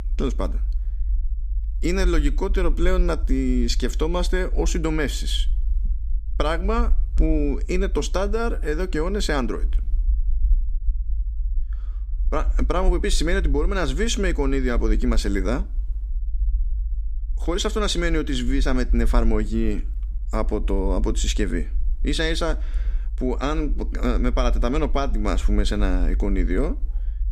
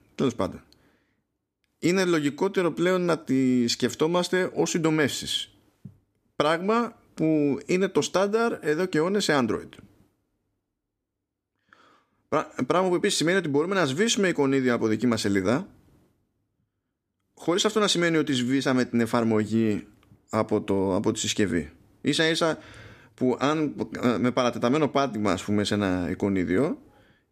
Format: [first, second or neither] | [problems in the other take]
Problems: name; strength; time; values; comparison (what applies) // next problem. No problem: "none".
second | low rumble; faint; throughout; 25 dB below the speech